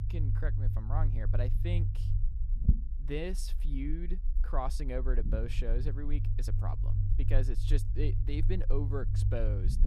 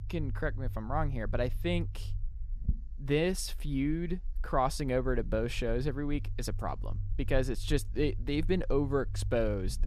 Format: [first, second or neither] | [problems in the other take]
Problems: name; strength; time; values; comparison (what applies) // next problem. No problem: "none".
second | low rumble; loud; throughout; 7 dB below the speech; faint in the second